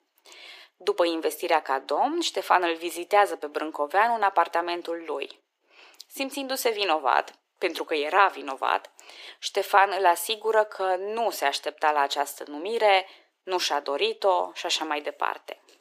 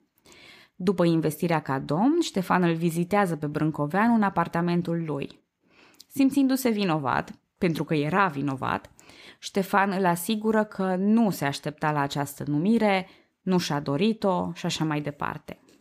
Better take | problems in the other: second | thin; very; fading below 350 Hz

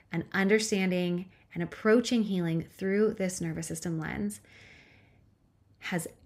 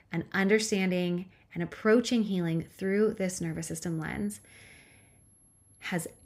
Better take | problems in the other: first | high-pitched whine; faint; from 2.5 s on; 11 kHz, 30 dB below the speech

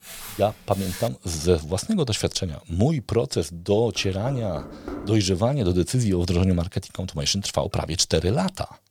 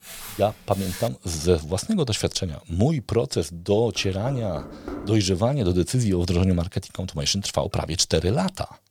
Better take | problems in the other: neither | footsteps; faint; until 1 s; peak 10 dB below the speech; the same in both // door banging; faint; from 4 to 5 s; peak 10 dB below the speech; the same in both

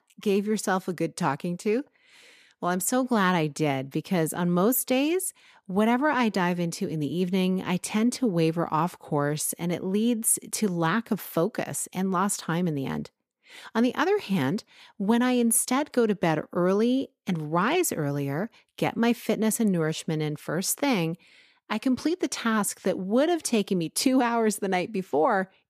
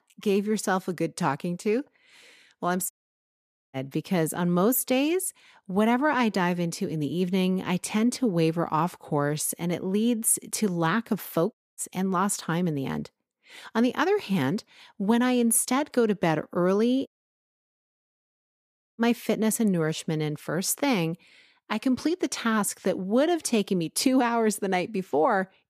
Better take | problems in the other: first | audio cutting out; at 3 s for 1 s, at 12 s and at 17 s for 2 s

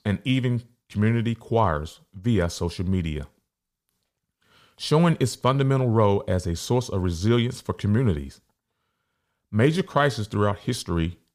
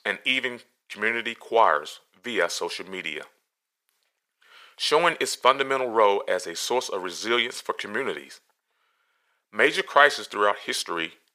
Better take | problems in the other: first | thin; very; fading below 450 Hz

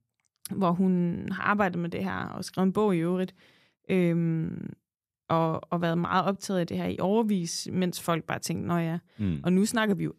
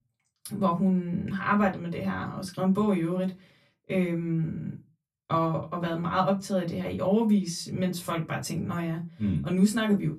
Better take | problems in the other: first | off-mic speech; far // room echo; very slight; dies away in 0.2 s

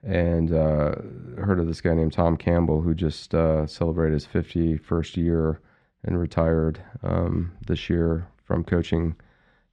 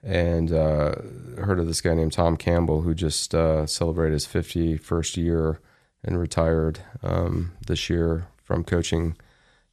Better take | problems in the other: second | muffled; slightly; fading above 2.5 kHz

